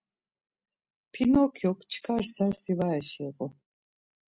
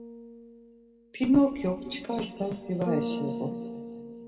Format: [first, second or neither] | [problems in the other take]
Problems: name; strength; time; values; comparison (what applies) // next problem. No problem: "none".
first | background sound (Bass guitar); 8 dB below the speech // room echo; dies away in 2 s